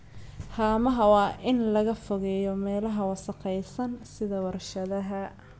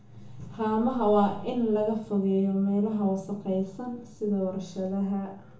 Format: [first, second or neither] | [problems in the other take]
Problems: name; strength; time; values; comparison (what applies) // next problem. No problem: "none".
first | room echo; dies away in 0.7 s